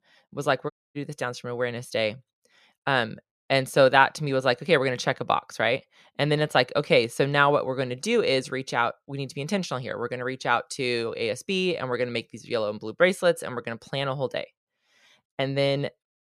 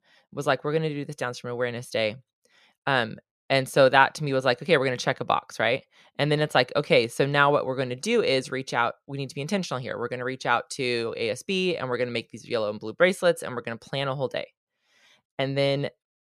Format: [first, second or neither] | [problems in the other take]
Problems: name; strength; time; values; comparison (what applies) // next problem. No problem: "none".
second | audio cutting out; at 0.5 s